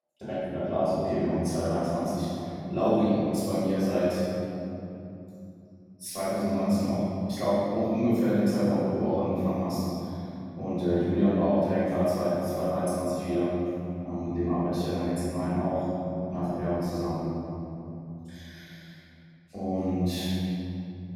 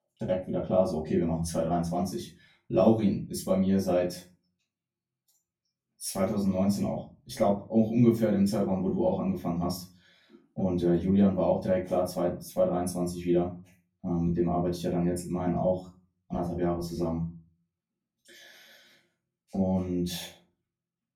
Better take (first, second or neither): second